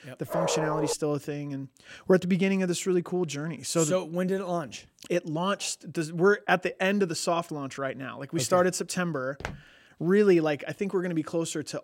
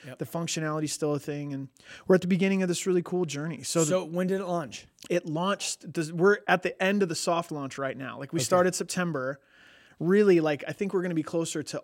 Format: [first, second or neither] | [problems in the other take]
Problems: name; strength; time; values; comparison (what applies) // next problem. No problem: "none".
second | dog barking; noticeable; at 0.5 s; peak 1 dB below the speech // footsteps; faint; at 9.5 s; peak 10 dB below the speech